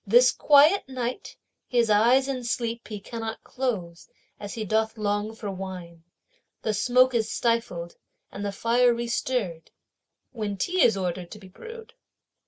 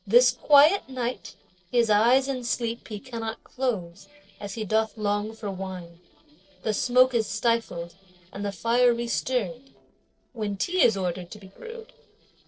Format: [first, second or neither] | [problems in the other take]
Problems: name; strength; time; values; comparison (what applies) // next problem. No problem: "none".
first | noise reduction (neural separator model SepFormer DNS4)